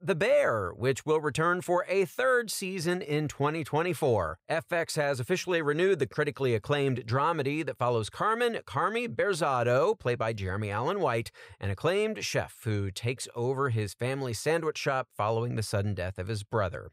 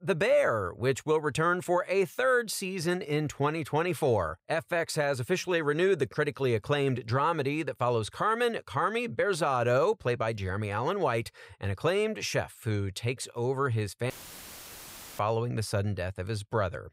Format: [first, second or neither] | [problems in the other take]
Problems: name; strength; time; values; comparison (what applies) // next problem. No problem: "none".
first | audio cutting out; filled with static; at 14 s for 1 s